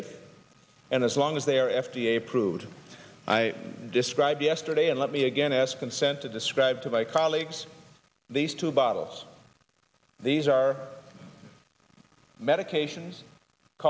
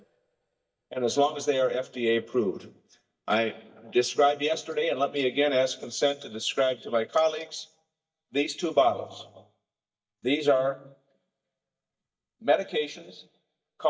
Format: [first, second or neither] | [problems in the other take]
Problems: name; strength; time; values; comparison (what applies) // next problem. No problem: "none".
first | noise reduction (neural mask model DeepFilterNet 3)